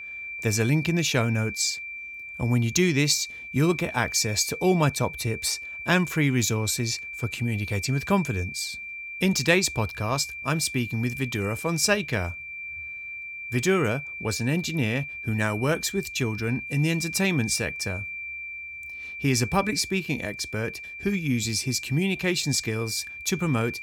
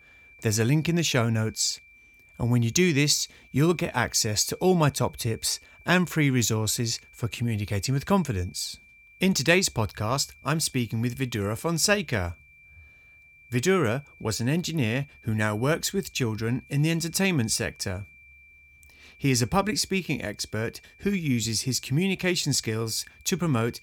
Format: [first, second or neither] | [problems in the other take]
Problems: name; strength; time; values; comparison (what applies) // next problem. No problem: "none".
second | high-pitched whine; loud; throughout; 2.5 kHz, 9 dB below the speech; faint in the second